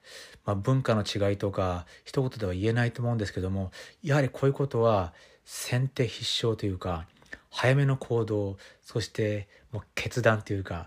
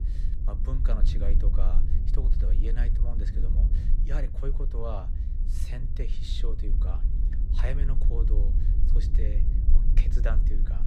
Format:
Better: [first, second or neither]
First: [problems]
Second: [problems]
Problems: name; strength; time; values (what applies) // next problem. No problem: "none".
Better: first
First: none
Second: low rumble; loud; throughout; 5 dB below the speech